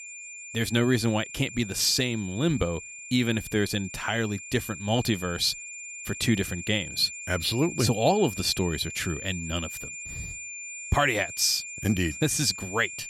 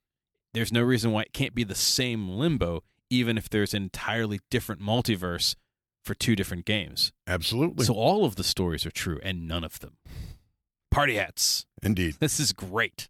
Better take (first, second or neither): second